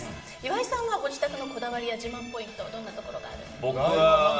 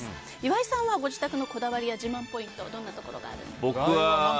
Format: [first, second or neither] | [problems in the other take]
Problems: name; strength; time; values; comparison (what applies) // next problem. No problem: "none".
second | room echo; dies away in 0.9 s